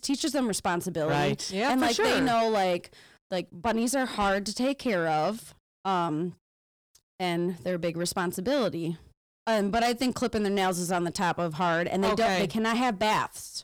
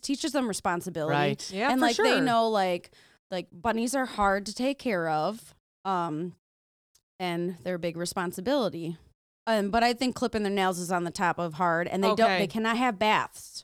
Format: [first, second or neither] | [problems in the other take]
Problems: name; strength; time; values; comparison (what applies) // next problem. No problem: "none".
second | distortion; slight; 10 dB below the speech